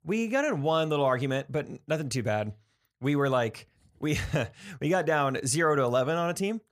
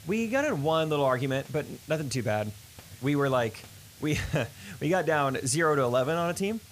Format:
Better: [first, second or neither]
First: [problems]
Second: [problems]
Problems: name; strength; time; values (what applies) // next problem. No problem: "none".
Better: first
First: none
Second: hiss; noticeable; throughout; 20 dB below the speech